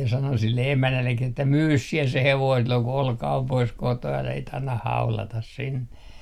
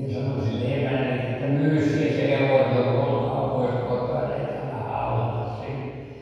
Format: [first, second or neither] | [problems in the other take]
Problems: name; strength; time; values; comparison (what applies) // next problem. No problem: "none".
first | room echo; dies away in 2.2 s